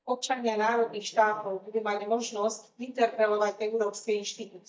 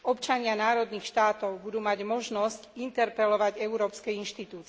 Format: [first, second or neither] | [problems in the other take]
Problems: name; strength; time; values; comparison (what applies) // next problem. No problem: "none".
second | noise reduction (neural mask model DeepFilterNet 3)